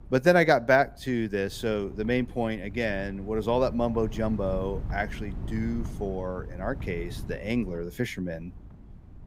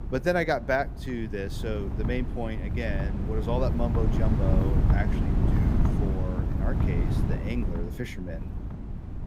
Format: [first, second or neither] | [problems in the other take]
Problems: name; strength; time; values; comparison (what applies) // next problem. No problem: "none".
first | wind noise on the microphone; heavy; 6 dB below the speech; occasional gusts in the first